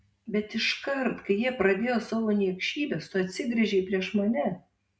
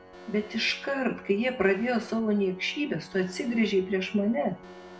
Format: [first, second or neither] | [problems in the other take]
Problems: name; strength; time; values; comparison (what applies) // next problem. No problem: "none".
first | background sound (Alarm + Organ); 19 dB below the speech